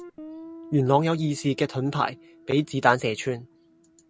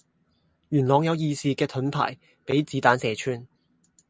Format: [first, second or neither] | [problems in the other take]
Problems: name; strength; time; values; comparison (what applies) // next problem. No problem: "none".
second | background sound (Guitar); 20 dB below the speech